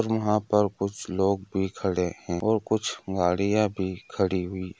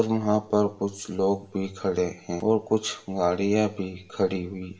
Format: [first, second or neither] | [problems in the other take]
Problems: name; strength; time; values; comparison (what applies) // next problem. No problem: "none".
first | room echo; dies away in 0.5 s